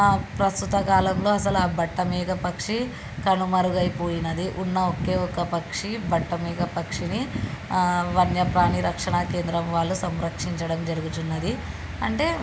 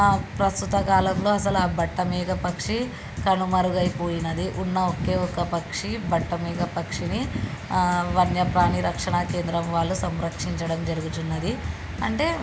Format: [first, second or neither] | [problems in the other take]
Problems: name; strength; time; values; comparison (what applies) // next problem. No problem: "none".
first | background sound (Drum kit); 13 dB below the speech